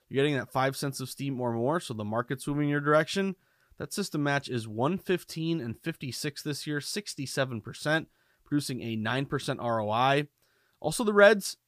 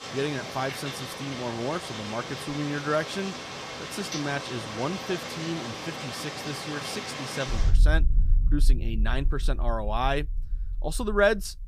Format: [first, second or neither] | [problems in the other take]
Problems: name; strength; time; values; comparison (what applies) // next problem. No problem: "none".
first | rain or running water; loud; throughout; as loud as the speech